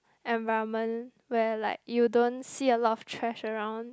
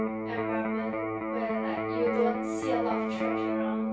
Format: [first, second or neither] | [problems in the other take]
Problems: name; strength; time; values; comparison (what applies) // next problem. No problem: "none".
first | background sound (Electric guitar); 4 dB above the speech // room echo; dies away in 0.3 s